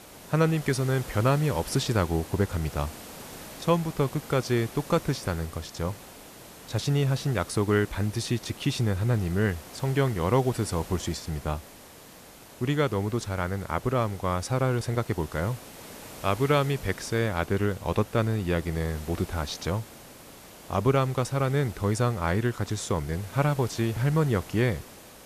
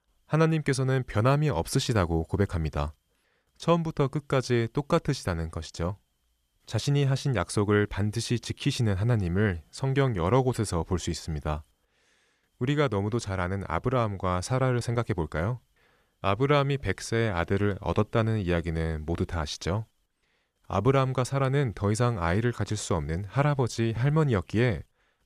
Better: second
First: hiss; noticeable; throughout; 15 dB below the speech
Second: none

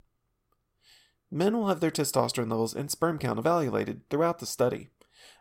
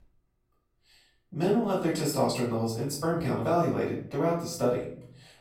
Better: first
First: none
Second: room echo; noticeable; dies away in 0.5 s // off-mic speech; far

